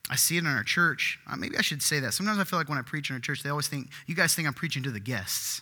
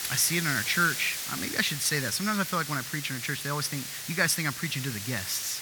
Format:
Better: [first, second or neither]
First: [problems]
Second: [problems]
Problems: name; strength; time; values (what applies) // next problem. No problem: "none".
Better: first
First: none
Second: hiss; loud; throughout; 5 dB below the speech